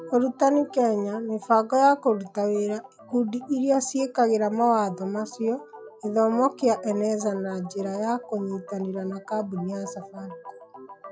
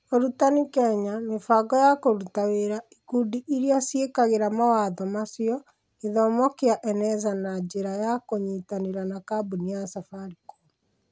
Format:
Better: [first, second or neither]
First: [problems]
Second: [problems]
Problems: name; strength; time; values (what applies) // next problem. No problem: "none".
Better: second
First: noise reduction (classical method log-MMSE)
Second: none